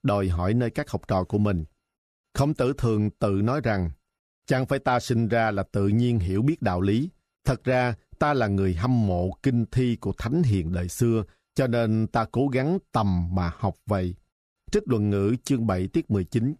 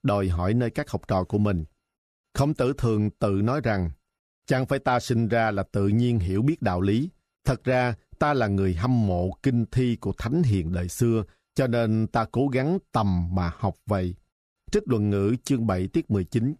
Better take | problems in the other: neither | none

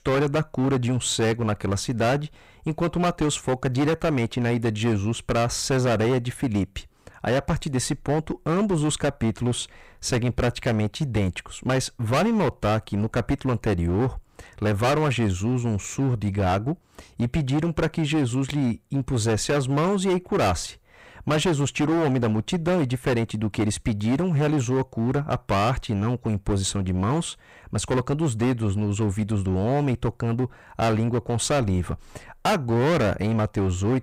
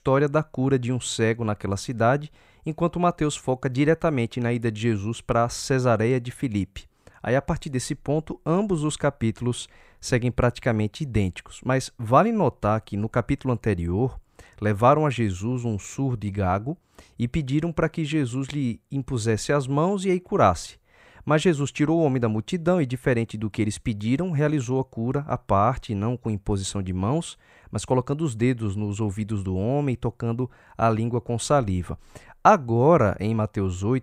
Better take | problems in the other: second | distortion; heavy; 17% of the sound clipped

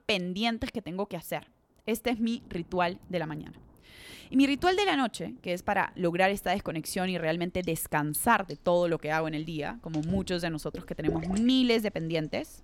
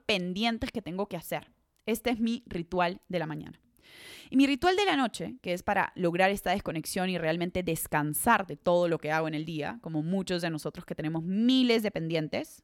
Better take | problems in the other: second | rain or running water; noticeable; throughout; 15 dB below the speech

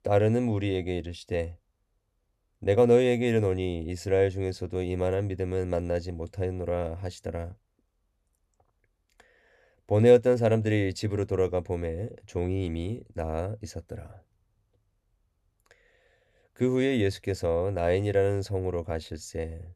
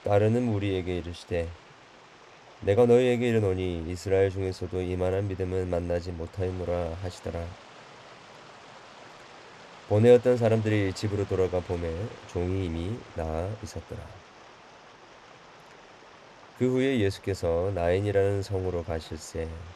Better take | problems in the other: first | rain or running water; faint; throughout; 20 dB below the speech

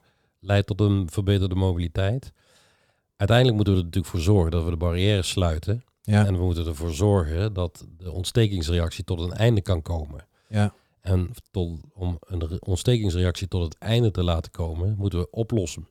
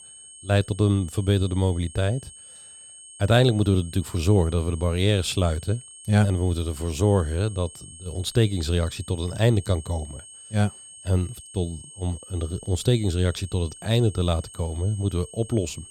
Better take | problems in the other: first | high-pitched whine; noticeable; throughout; 8.5 kHz, 15 dB below the speech

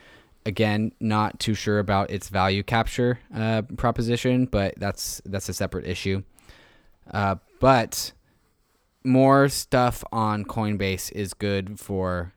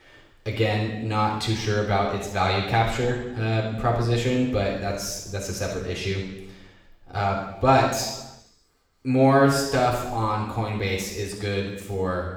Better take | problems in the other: first | room echo; noticeable; dies away in 0.9 s // off-mic speech; far

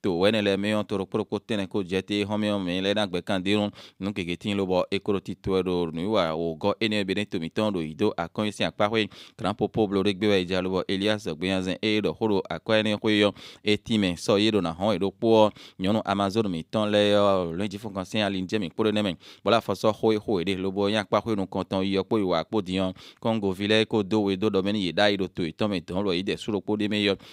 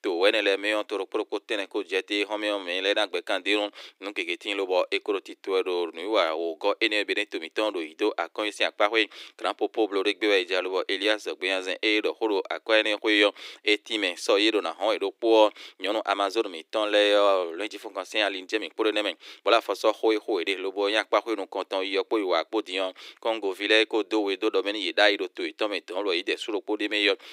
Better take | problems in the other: first | thin; very; fading below 300 Hz

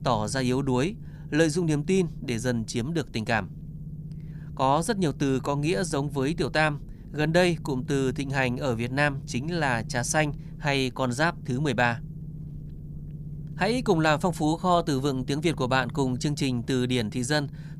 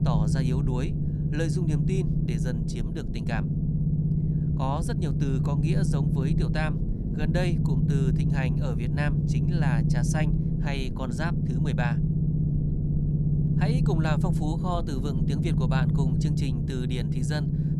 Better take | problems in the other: first | low rumble; loud; throughout; as loud as the speech; faint in the first

